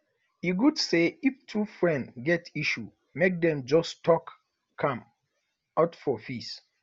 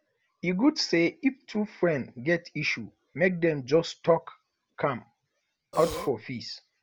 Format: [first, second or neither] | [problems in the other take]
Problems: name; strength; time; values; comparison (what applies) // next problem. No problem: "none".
first | background sound (Burping, eructation); 8 dB below the speech